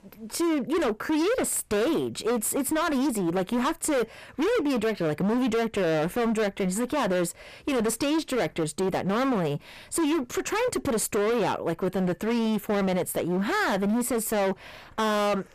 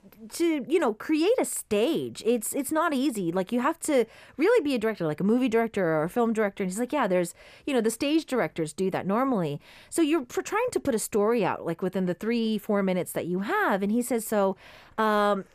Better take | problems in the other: second | distortion; heavy; 26% of the sound clipped

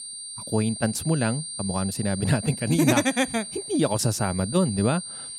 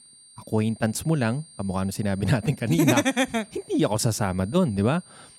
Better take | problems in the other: second | high-pitched whine; loud; throughout; 9 kHz, 9 dB below the speech; faint in the second

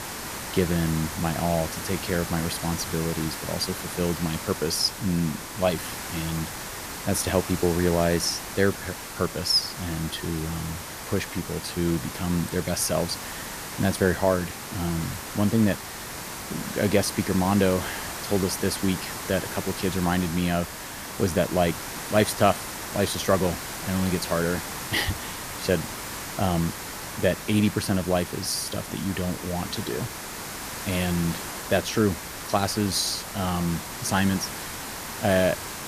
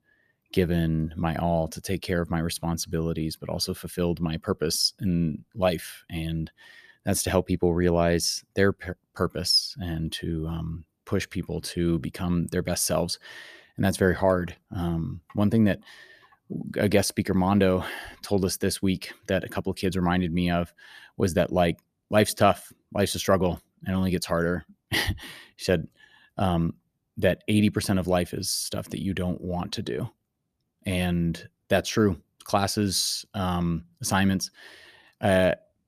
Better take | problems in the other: second | hiss; loud; throughout; 7 dB below the speech

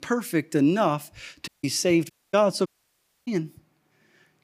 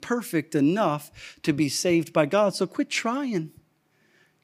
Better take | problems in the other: second | audio cutting out; at 1.5 s, at 2 s and at 2.5 s for 0.5 s

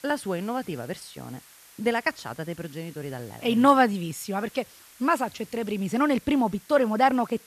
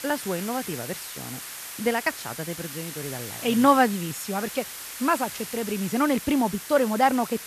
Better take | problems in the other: first | hiss; loud; throughout; 10 dB below the speech; faint in the first

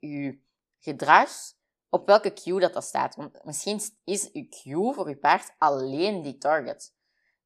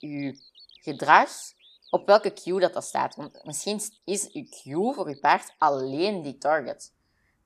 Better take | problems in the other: first | animal sounds; faint; throughout; 30 dB below the speech

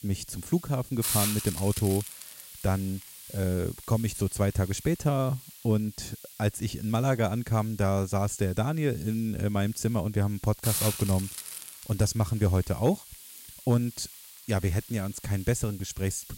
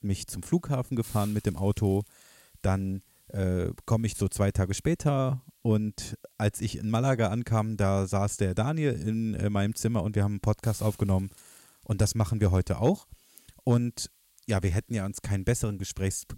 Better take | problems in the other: second | hiss; loud; throughout; 9 dB below the speech; faint in the second

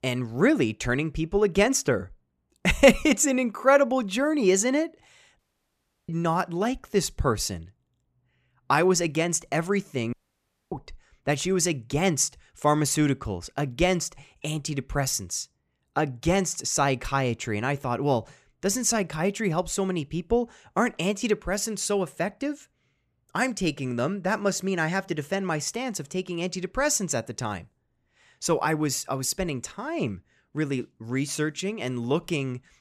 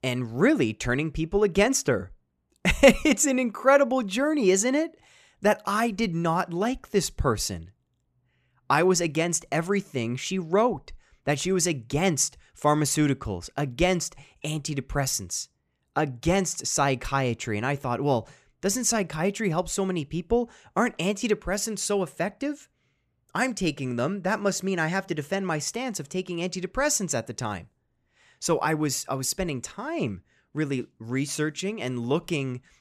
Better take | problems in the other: second | audio cutting out; at 5.5 s for 0.5 s and at 10 s for 0.5 s

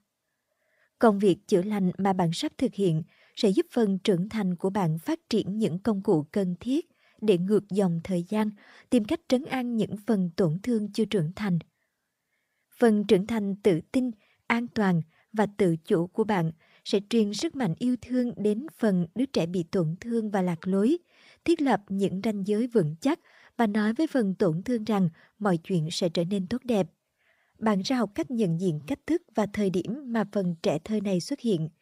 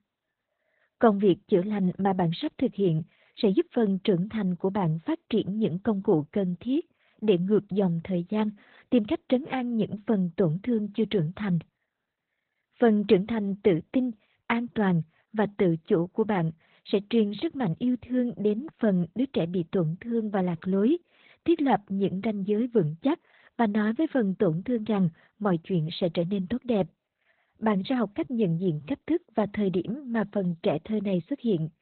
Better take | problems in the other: first | garbled, watery; badly; nothing above 4 kHz

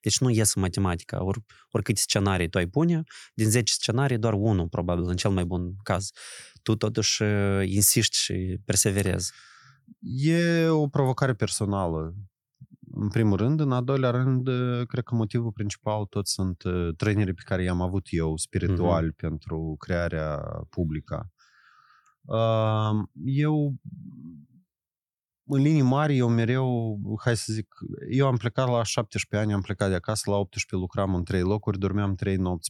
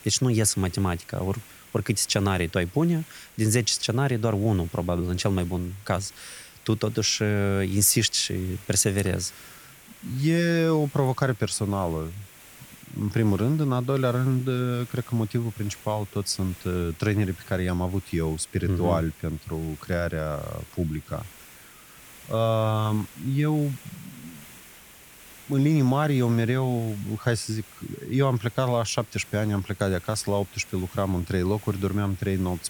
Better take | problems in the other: first | hiss; faint; throughout; 20 dB below the speech

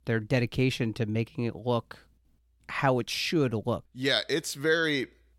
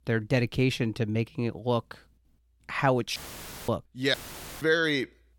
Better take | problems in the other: first | audio cutting out; filled with static; at 3 s for 0.5 s and at 4 s

